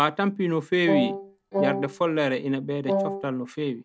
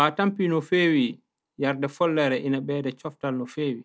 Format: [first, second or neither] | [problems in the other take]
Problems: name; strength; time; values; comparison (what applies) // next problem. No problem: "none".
second | background sound (Wind instrument, woodwind instrument); 2 dB below the speech